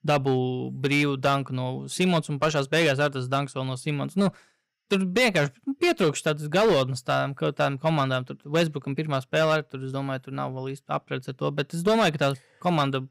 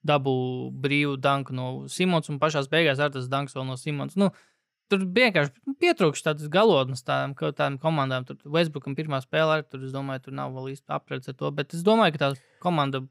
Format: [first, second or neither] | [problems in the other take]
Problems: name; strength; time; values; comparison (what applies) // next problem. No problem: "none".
second | distortion; slight; 5% of the sound clipped